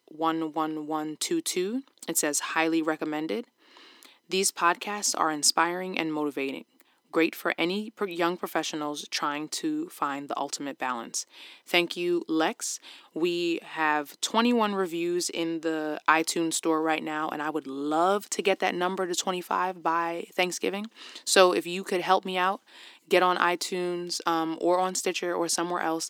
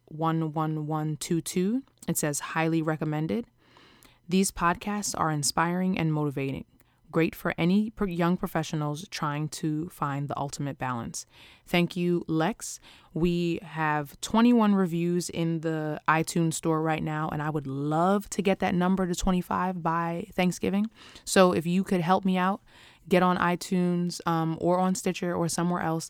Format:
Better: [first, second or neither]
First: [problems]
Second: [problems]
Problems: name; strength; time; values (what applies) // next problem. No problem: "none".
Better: second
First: thin; somewhat; fading below 300 Hz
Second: none